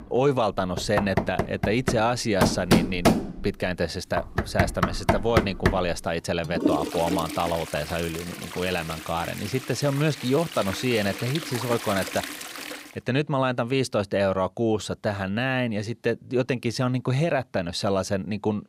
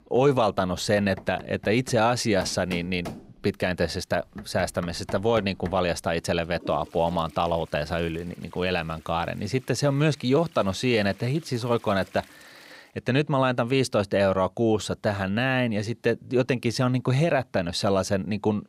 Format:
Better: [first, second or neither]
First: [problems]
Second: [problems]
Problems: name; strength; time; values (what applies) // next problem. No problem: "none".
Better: second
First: household noises; loud; until 13 s; 2 dB below the speech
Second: household noises; faint; until 13 s; 20 dB below the speech